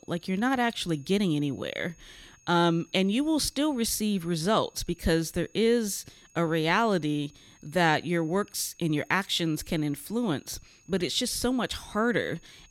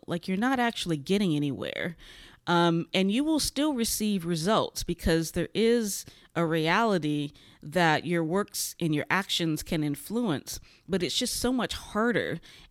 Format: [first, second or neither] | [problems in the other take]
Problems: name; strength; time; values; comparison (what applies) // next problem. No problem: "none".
second | high-pitched whine; faint; throughout; 6.5 kHz, 30 dB below the speech